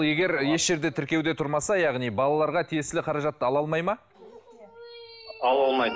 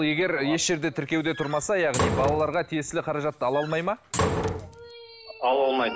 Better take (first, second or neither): first